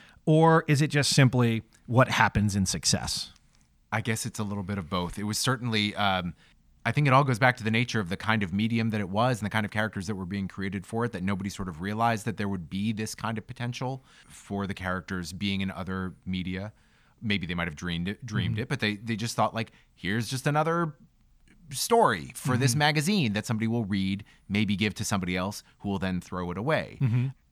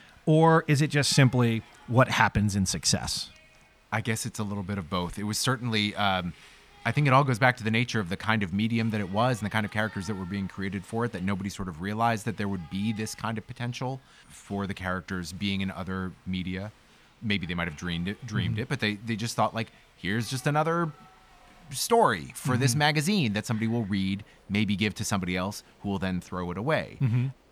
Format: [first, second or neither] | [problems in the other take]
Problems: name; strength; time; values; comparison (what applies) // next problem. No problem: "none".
first | crowd noise; faint; throughout; 30 dB below the speech